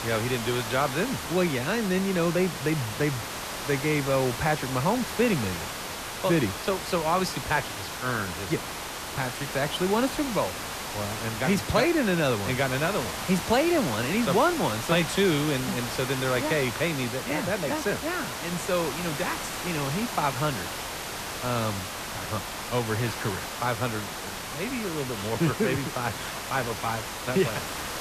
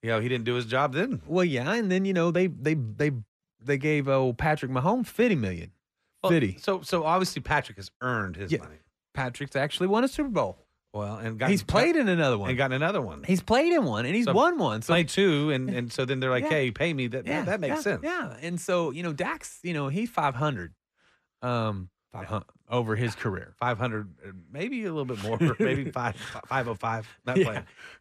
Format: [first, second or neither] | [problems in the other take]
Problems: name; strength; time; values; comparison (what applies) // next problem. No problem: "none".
second | hiss; loud; throughout; 5 dB below the speech